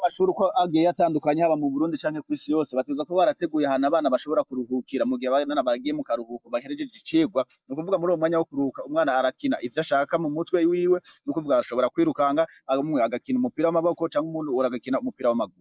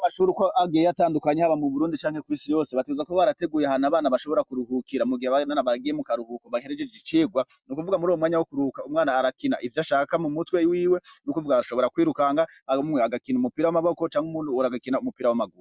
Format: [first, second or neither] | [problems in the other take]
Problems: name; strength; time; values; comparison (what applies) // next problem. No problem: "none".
second | noise reduction (neural mask model Resemble Enhance denoiser)